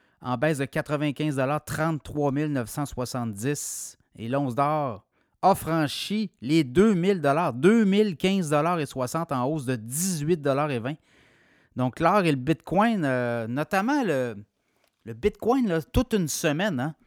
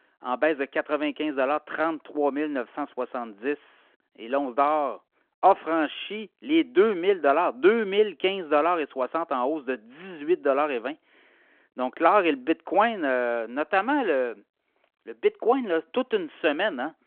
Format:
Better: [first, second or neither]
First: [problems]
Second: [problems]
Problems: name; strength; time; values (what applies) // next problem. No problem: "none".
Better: first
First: none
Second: phone-call audio